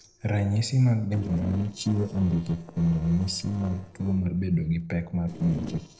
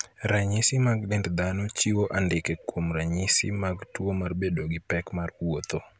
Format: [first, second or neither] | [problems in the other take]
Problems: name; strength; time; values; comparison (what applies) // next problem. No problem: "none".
second | noise reduction (neural separator model SepFormer DNS4)